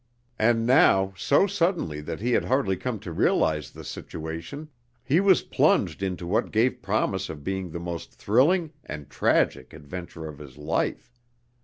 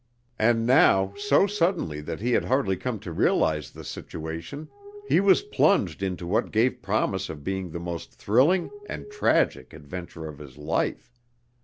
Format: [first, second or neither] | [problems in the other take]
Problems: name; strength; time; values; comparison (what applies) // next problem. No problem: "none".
first | background sound (Glass); 20 dB below the speech